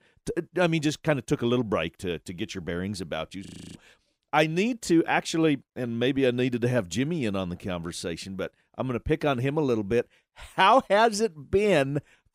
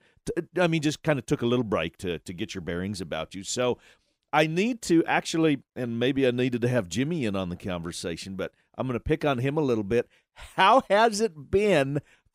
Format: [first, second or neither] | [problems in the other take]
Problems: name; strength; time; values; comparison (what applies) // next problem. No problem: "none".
second | audio freezing; at 3.5 s